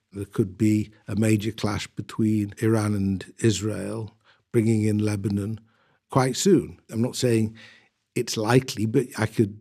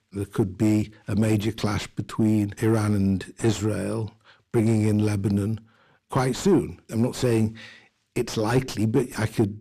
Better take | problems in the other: first | distortion; slight; 9 dB below the speech

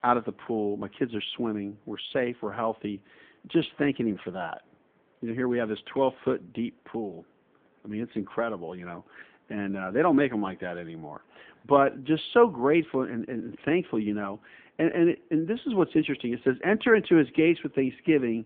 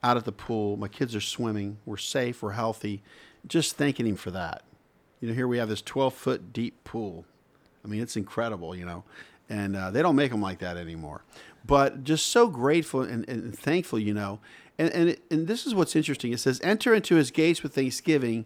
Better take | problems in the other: second | phone-call audio; nothing above 3.5 kHz

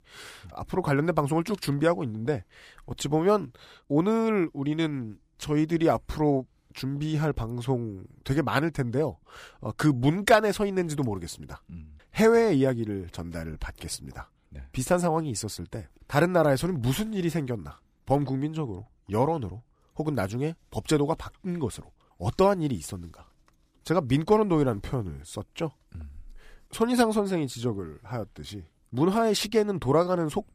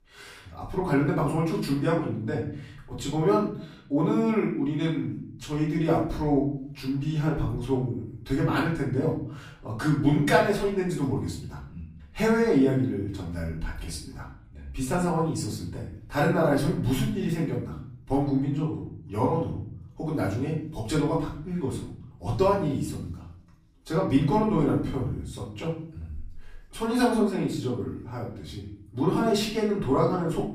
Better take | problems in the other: first | off-mic speech; far // room echo; noticeable; dies away in 0.6 s

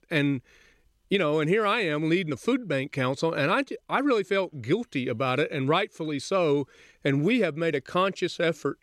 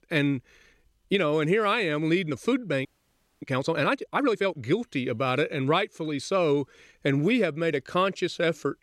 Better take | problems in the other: first | audio freezing; at 3 s for 0.5 s

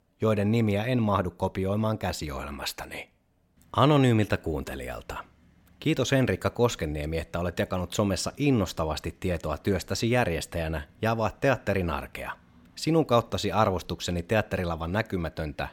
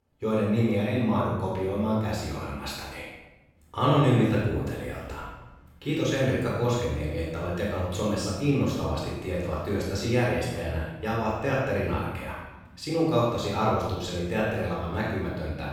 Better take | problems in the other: first | off-mic speech; far // room echo; strong; dies away in 0.9 s

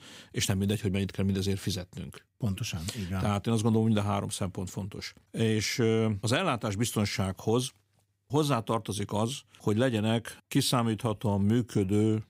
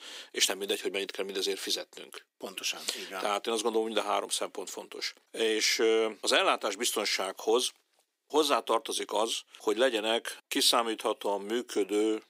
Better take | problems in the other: first | thin; very; fading below 350 Hz

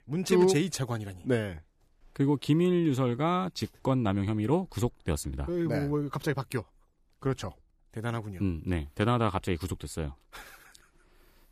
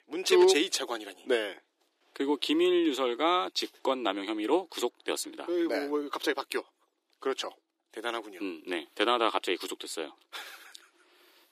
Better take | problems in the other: first | thin; somewhat; fading below 300 Hz

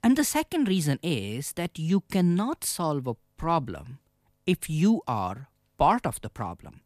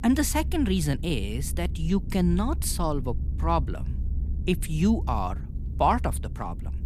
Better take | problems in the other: first | low rumble; noticeable; throughout; 20 dB below the speech

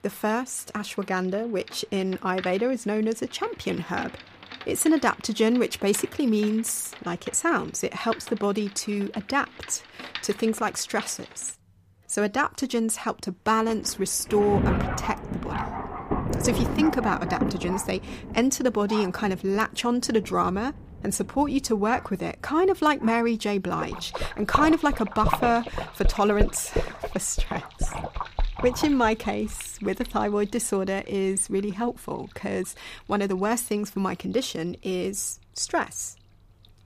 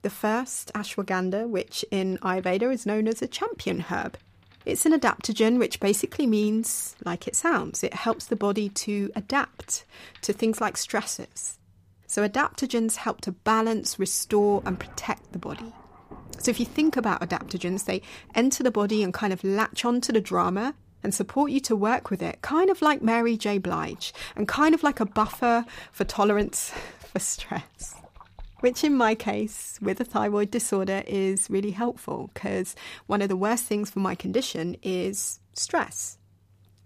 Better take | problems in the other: second | rain or running water; loud; throughout; 7 dB below the speech; faint in the second

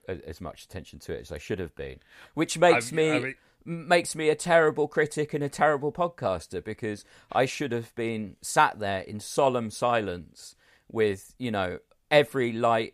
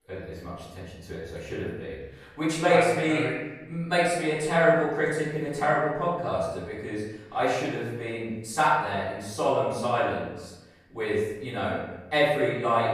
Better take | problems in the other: first | room echo; noticeable; dies away in 0.9 s // off-mic speech; far

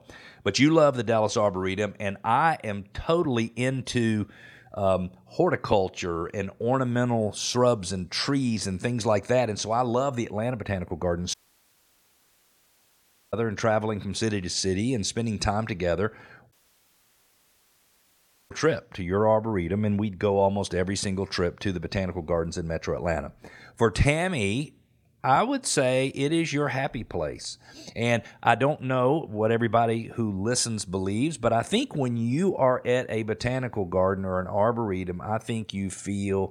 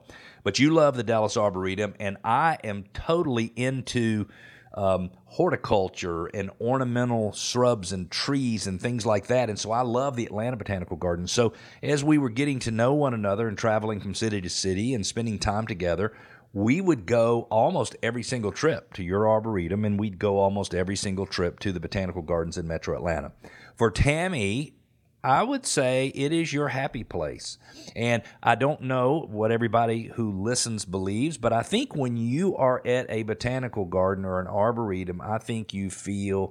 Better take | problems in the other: second | audio cutting out; at 11 s for 2 s and at 17 s for 2 s

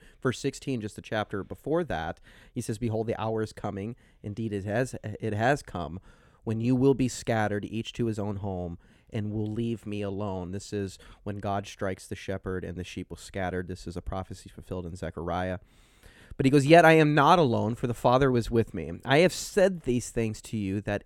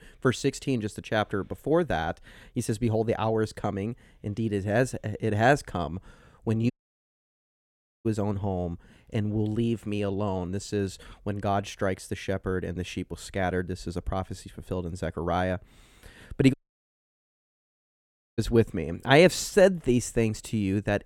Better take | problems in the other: first | audio cutting out; at 6.5 s for 1.5 s and at 17 s for 2 s

